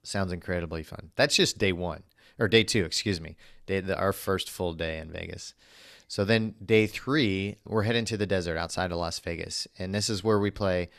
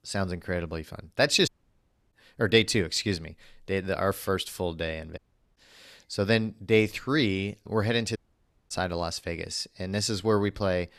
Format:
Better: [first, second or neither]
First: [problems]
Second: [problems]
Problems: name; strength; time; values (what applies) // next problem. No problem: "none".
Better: first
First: none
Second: audio cutting out; at 1.5 s for 0.5 s, at 5 s and at 8 s for 0.5 s